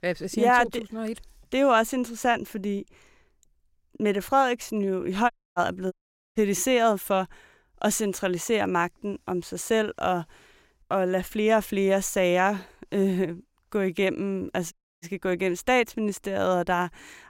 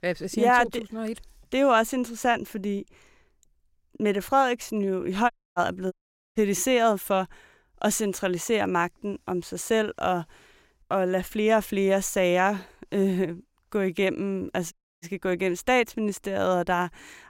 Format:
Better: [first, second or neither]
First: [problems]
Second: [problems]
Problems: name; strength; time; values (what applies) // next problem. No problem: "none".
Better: neither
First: audio cutting out; at 5.5 s, at 6 s and at 15 s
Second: audio cutting out; at 5.5 s, at 6 s and at 15 s